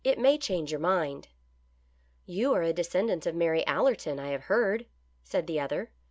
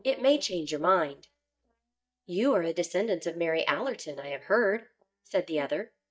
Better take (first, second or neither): first